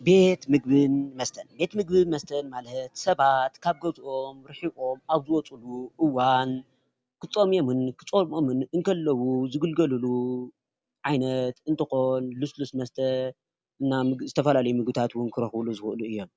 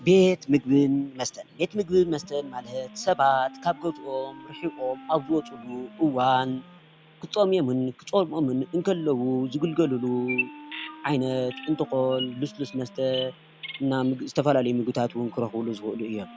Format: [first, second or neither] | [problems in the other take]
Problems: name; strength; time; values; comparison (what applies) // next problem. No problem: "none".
first | background sound (Wind instrument, woodwind instrument + Bird vocalization, bird call, bird song); 17 dB below the speech